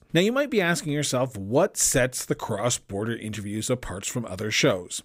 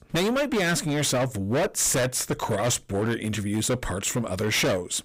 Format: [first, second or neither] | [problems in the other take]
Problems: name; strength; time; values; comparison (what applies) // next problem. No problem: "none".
first | distortion; heavy; 21% of the sound clipped